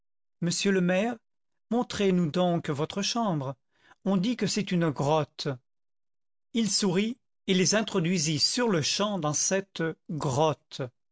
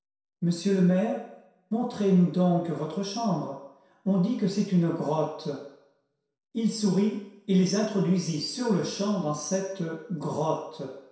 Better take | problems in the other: first | room echo; dies away in 0.7 s

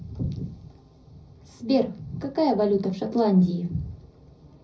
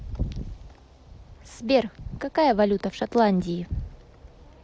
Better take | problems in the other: second | room echo; dies away in 0.4 s

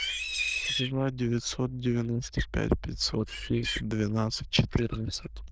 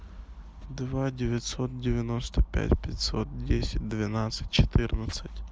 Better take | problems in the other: second | noise reduction (neural diffusion model UNIVERSE++)

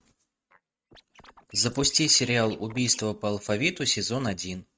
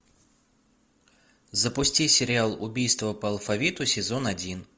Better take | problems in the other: second | noise reduction (neural mask model RNNoise)

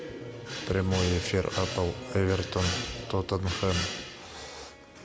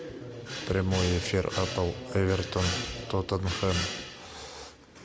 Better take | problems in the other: second | background sound (Harp); 20 dB below the speech

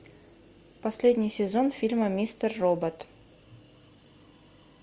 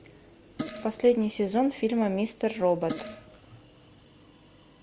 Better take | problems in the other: first | background sound (Fart); 14 dB below the speech

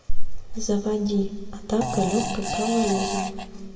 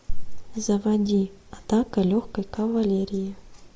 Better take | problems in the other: second | background sound (Fart); 8 dB below the speech // room echo; dies away in 1.5 s

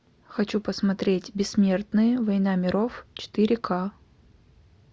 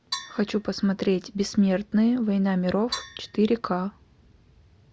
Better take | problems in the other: first | background sound (Percussion); 15 dB below the speech

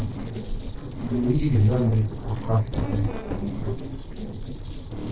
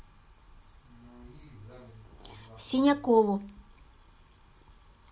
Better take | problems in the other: second | noise reduction (neural separator model SepFormer DNS4)

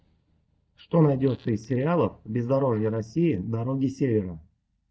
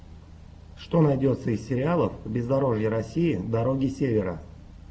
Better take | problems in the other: second | noise reduction (neural mask model DeepFilterNet 3)

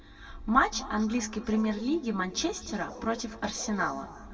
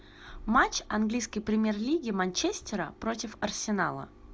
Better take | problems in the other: second | background sound (Bark); 16 dB below the speech // room echo; dies away in 1.8 s

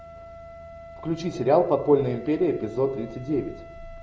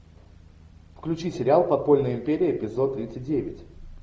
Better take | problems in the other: second | background sound (Wind instrument, woodwind instrument); 18 dB below the speech

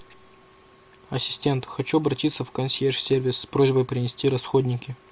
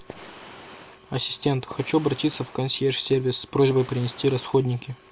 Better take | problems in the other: first | background sound (Fire); 20 dB below the speech

